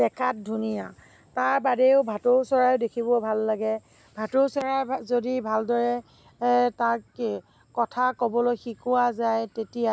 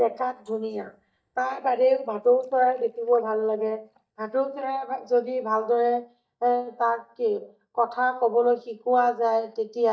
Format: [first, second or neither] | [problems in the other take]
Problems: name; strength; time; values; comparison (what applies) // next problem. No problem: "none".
first | noise reduction (neural mask model DeepFilterNet 3)